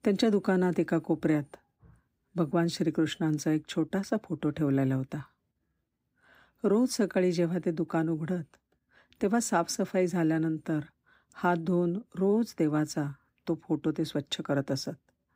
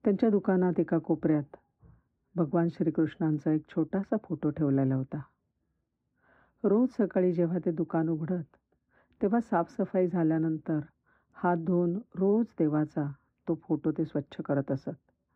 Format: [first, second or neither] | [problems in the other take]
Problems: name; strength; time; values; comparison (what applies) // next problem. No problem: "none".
first | muffled; very; fading above 3.5 kHz